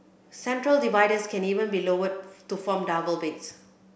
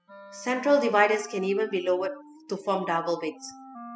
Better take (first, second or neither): first